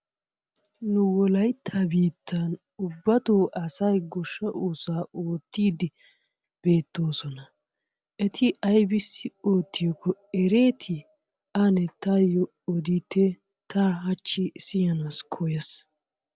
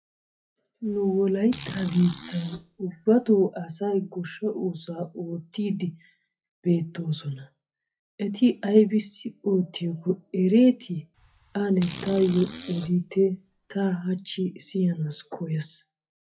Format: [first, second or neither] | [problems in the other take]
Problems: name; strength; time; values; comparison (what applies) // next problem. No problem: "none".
first | noise reduction (classical method WPE with log-MMSE)